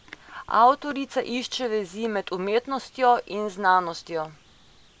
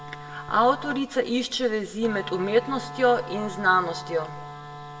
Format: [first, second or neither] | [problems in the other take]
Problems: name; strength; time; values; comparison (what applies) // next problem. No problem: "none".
first | background sound (Wind instrument, woodwind instrument); 14 dB below the speech // room echo; dies away in 1 s